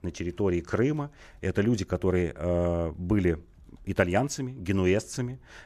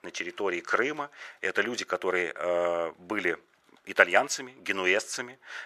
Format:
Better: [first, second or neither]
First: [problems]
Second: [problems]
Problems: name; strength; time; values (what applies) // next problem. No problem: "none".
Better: first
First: none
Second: thin; very; fading below 600 Hz